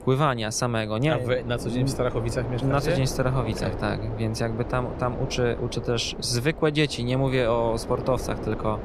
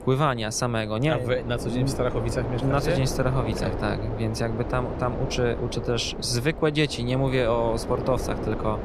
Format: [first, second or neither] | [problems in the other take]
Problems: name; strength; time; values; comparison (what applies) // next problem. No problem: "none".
first | wind noise on the microphone; heavy; 8 dB below the speech; occasional gusts in the first